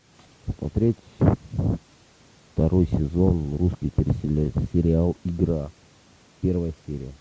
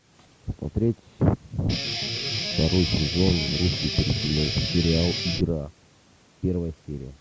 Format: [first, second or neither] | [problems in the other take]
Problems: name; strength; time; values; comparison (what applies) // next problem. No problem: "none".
first | background sound (Guitar); 3 dB below the speech